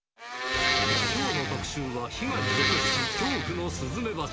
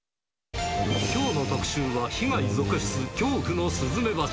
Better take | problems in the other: second | background sound (Domestic sounds, home sounds); 2 dB above the speech

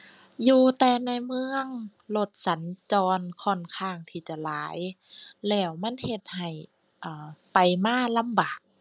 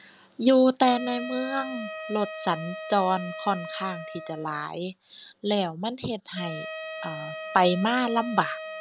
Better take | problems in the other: first | background sound (Wind instrument, woodwind instrument); 11 dB below the speech

